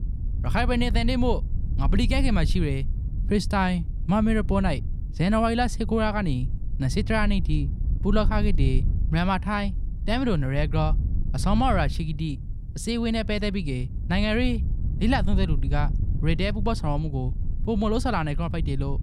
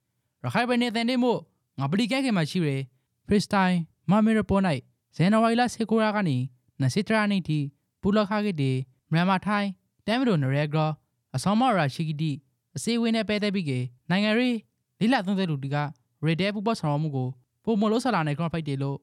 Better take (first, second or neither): second